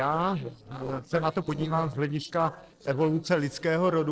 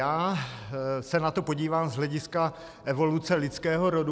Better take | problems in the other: second | noise reduction (neural separator model SepFormer DNS4)

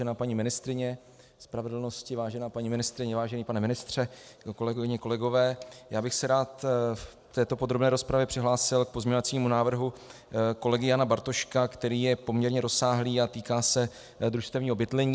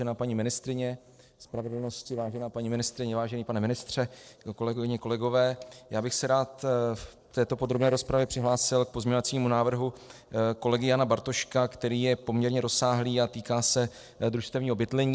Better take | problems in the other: first | noise reduction (neural separator model SepFormer DNS4)

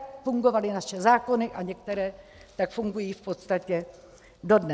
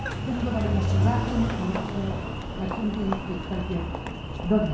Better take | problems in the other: first | background sound (Engine); 1 dB above the speech // room echo; dies away in 0.6 s

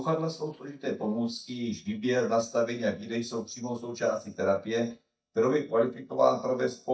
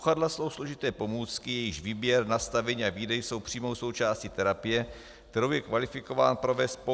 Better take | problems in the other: second | noise reduction (neural mask model DeepFilterNet 3)

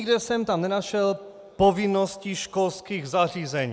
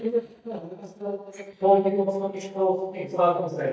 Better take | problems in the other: first | noise reduction (neural mask model DeepFilterNet 3)

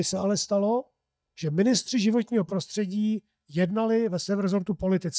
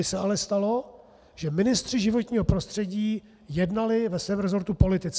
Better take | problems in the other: second | noise reduction (neural mask model DeepFilterNet 3)

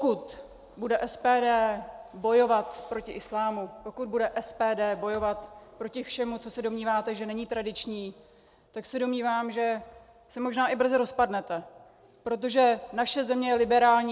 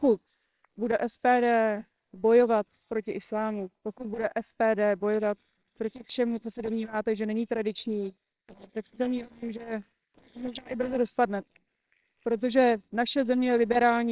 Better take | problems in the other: first | noise reduction (neural separator model SepFormer WHAMR!)

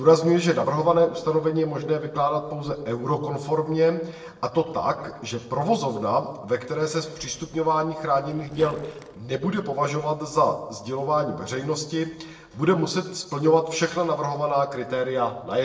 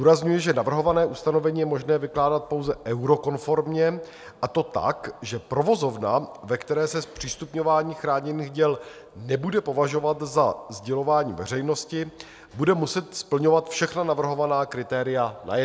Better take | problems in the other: second | noise reduction (neural separator model SepFormer DNS4)

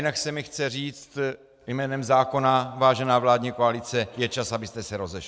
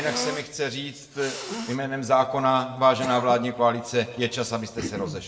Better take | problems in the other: first | background sound (Cough); 12 dB below the speech // room echo; dies away in 1 s

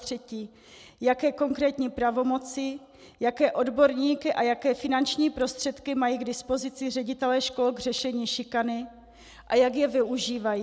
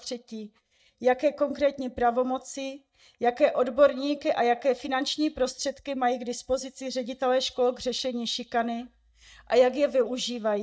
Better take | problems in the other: first | noise reduction (neural mask model DeepFilterNet 3)

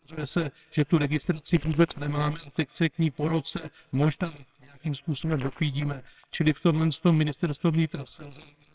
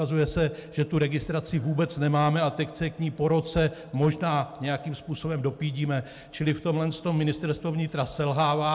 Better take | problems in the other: second | noise reduction (neural separator model SepFormer WHAMR!)

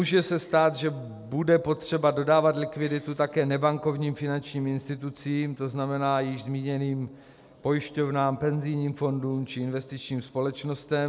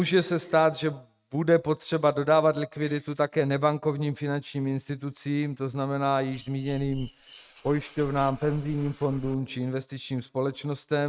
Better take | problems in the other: first | noise reduction (neural mask model RNNoise)

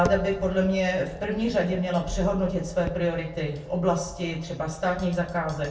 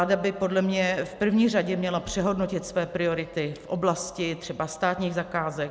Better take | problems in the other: second | background sound (Tap); 15 dB below the speech // room echo; dies away in 0.4 s

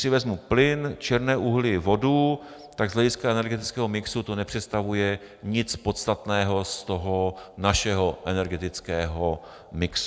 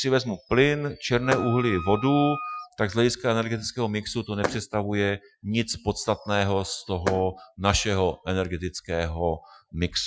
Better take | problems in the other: first | noise reduction (classical method Wiener filter)

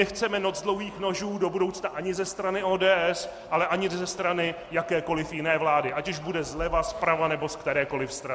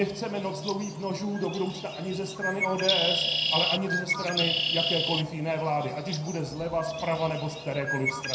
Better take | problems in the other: first | background sound (Bird); 1 dB below the speech // room echo; dies away in 0.5 s

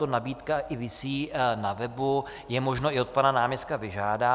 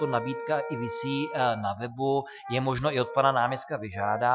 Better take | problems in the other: first | noise reduction (classical method Wiener filter)

